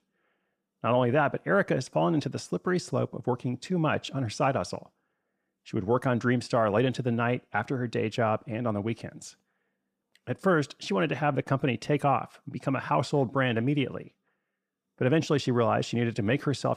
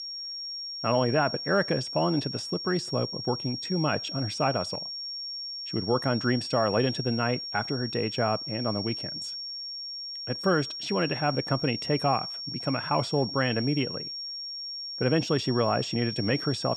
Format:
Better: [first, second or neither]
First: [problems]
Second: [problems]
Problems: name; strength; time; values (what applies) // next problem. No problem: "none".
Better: first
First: none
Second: high-pitched whine; loud; throughout; 5.5 kHz, 5 dB below the speech